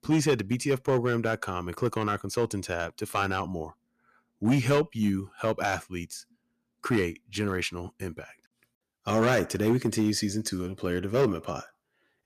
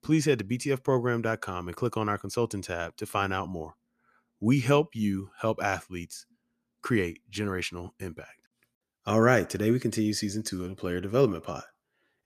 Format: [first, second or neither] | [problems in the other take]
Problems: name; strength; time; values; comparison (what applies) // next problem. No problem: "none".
second | distortion; slight; 3% of the sound clipped